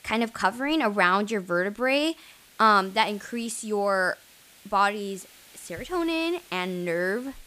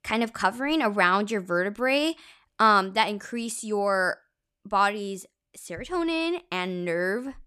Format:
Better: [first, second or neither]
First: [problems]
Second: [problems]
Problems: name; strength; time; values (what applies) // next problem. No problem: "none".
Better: second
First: hiss; faint; throughout; 25 dB below the speech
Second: none